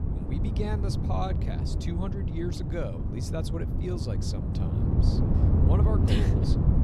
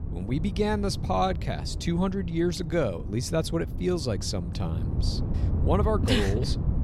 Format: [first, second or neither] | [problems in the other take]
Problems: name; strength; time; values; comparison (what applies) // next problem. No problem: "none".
second | wind noise on the microphone; heavy; as loud as the speech; occasional gusts in the second